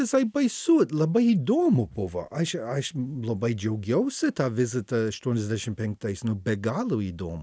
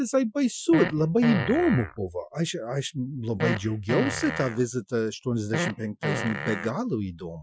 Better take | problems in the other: first | noise reduction (classical method Wiener filter)

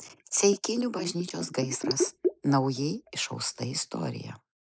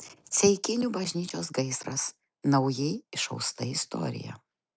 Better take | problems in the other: second | noise reduction (neural mask model Resemble Enhance denoiser)

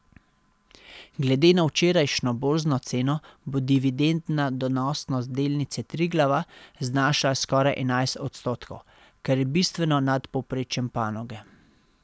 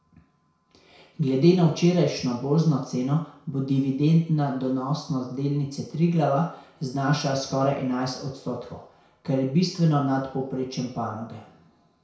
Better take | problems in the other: first | room echo; dies away in 0.6 s

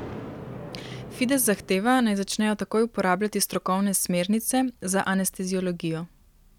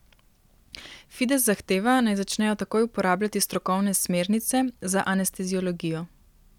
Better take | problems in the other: second | background sound (Thunder); 18 dB below the speech

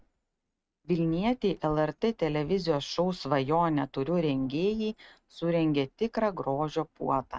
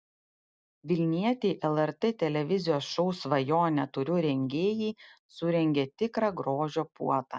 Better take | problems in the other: second | noise reduction (neural mask model RNNoise)

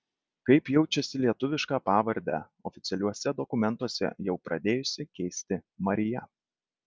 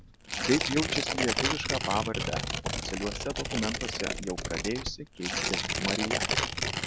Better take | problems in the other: first | background sound (Tearing); 2 dB above the speech

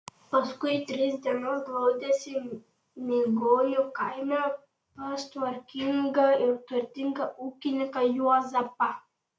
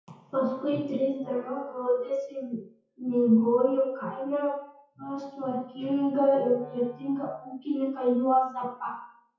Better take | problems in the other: first | noise reduction (classical method WPE with log-MMSE)

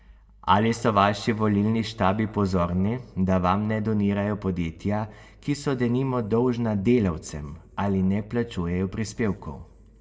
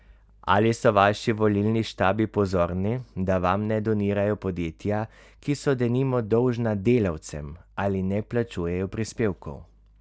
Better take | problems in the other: second | room echo; dies away in 0.9 s

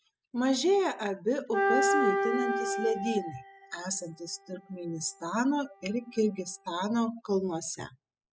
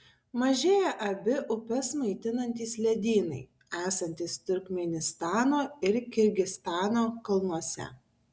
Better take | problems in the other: second | noise reduction (classical method spectral subtraction)

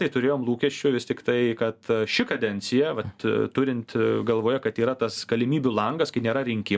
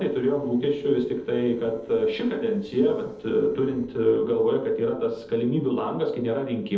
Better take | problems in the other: first | noise reduction (neural separator model SepFormer DNS4)

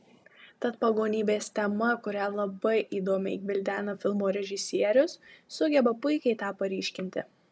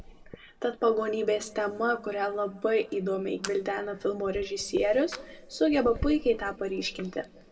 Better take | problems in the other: first | background sound (Fire); 15 dB below the speech // room echo; dies away in 0.9 s

